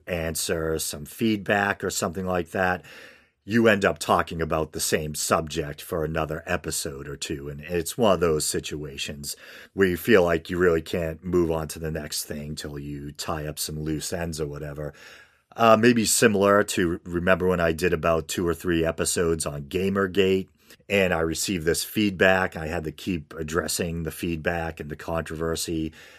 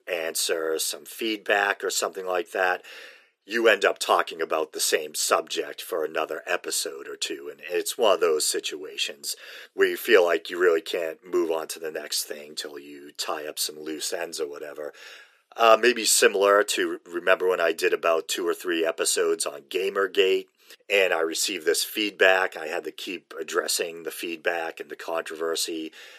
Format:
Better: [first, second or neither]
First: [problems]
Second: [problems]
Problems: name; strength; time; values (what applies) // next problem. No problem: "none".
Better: first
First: none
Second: thin; very; fading below 400 Hz